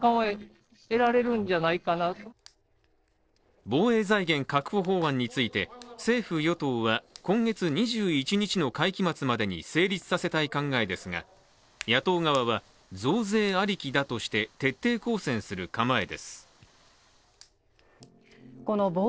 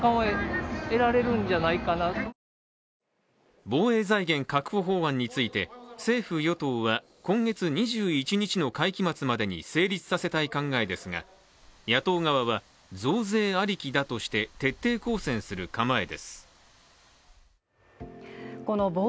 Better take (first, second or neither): second